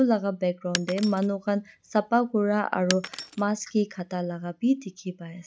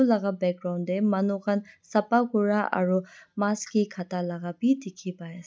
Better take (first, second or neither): second